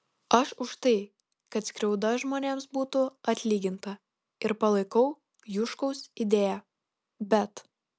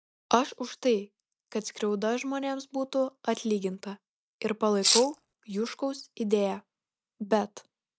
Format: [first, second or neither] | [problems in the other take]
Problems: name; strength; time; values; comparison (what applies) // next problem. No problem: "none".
first | noise reduction (neural mask model DeepFilterNet 3)